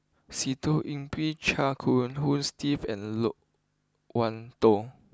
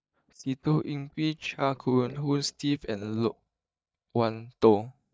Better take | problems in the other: first | noise reduction (neural mask model DeepFilterNet 3)

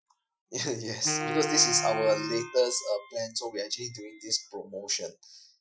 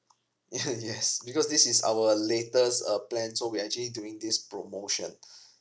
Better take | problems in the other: second | noise reduction (classical method Wiener filter)

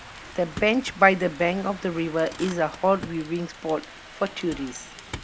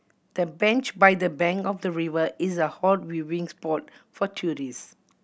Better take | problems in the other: second | background sound (Rain + Motor vehicle (road)); 15 dB below the speech

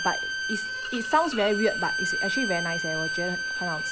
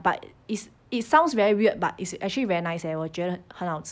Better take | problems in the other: second | background sound (Bowed string instrument); 1 dB below the speech

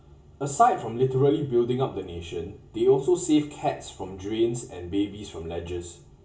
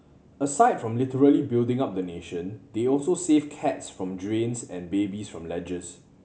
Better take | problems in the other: second | room echo; dies away in 0.1 s

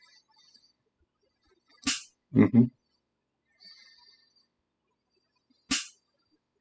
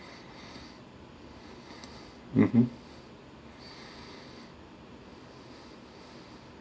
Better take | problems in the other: second | noise reduction (classical method spectral subtraction)

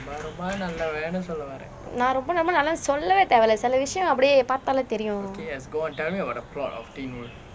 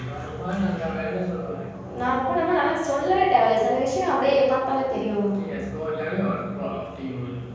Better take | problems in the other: first | room echo; dies away in 1.3 s

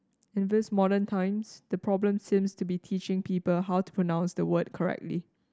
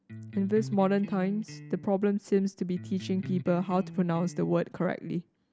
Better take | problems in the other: first | background sound (Electric guitar); 13 dB below the speech

